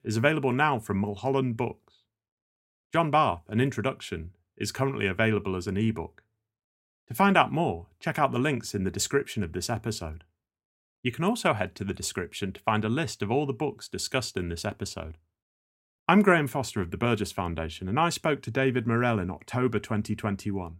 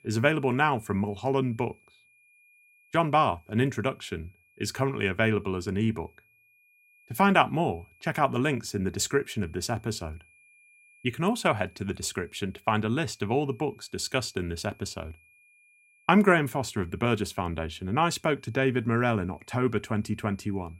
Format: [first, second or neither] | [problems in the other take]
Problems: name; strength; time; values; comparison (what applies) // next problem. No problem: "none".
first | high-pitched whine; faint; throughout; 2.5 kHz, 30 dB below the speech